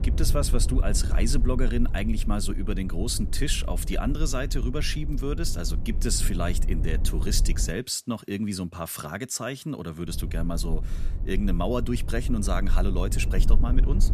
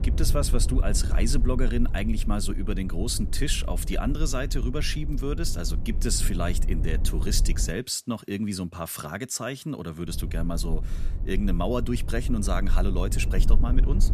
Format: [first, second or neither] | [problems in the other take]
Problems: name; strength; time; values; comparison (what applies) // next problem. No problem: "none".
neither | low rumble; noticeable; until 7.5 s and from 10 s on; 15 dB below the speech; the same in both